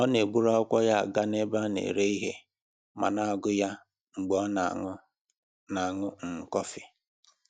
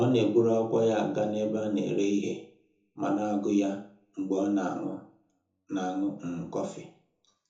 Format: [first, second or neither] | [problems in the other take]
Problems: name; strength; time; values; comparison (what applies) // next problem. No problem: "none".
first | room echo; dies away in 0.6 s